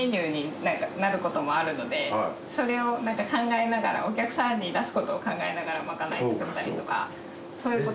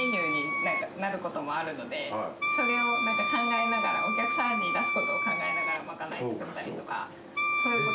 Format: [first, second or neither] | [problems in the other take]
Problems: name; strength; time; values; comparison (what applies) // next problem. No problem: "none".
first | background sound (Wind instrument, woodwind instrument); 3 dB above the speech